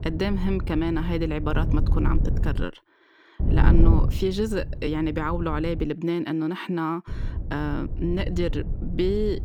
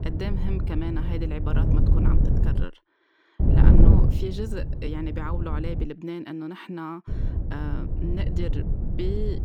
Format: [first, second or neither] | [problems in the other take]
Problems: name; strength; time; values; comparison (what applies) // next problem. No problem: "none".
first | wind noise on the microphone; heavy; until 2.5 s, from 3.5 to 6 s and from 7 s on; as loud as the speech; occasional gusts in the first